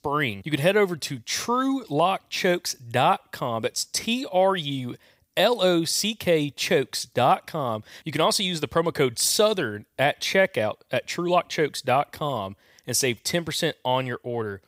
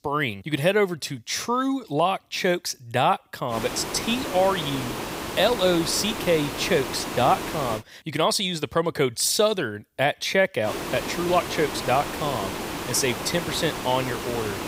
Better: first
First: none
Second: hiss; loud; from 3.5 to 8 s and from 11 s on; 7 dB below the speech

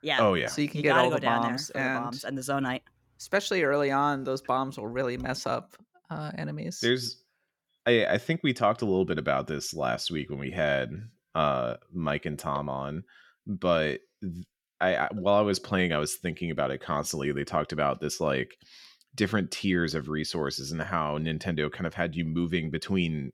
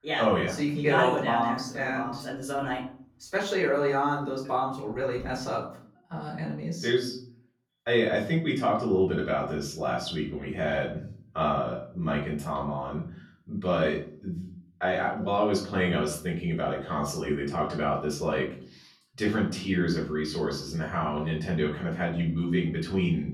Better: first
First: none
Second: off-mic speech; far // room echo; slight; dies away in 0.5 s

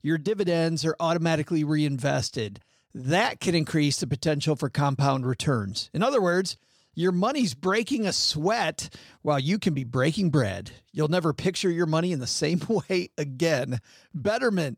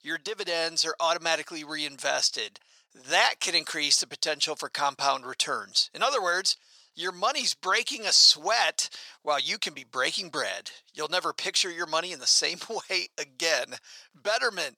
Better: first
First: none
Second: thin; very; fading below 850 Hz

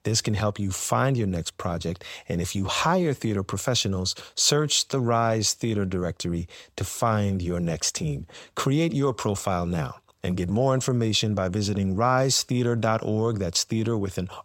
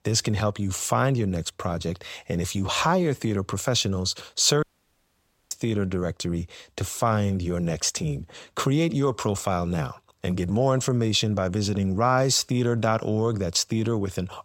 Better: first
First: none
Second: audio cutting out; at 4.5 s for 1 s

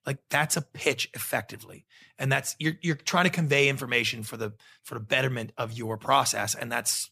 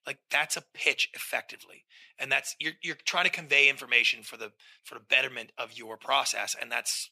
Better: first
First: none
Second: thin; very; fading below 350 Hz

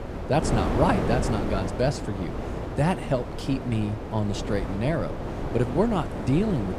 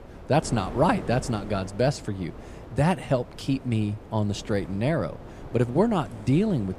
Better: second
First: wind noise on the microphone; heavy; 5 dB below the speech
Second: wind noise on the microphone; occasional gusts; 15 dB below the speech

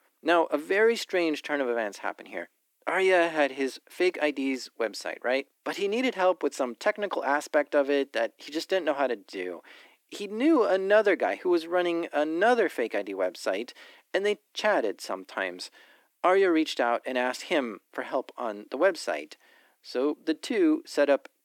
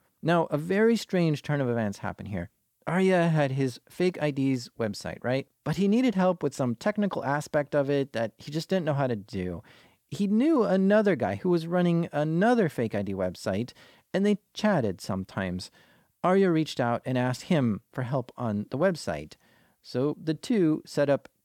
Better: second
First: thin; somewhat; fading below 300 Hz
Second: none

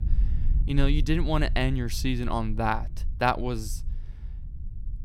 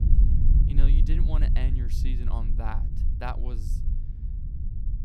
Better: first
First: low rumble; faint; throughout; 25 dB below the speech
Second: low rumble; loud; throughout; 5 dB below the speech

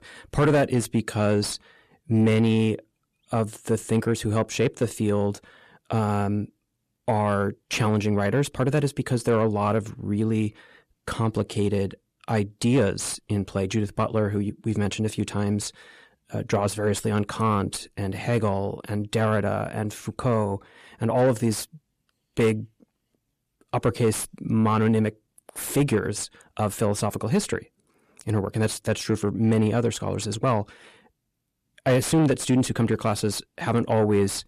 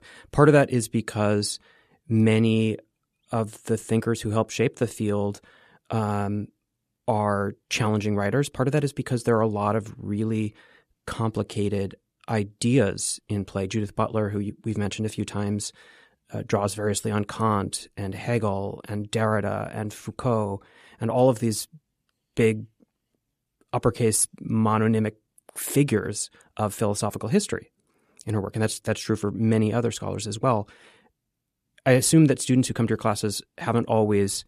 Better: second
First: distortion; slight; 10 dB below the speech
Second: none

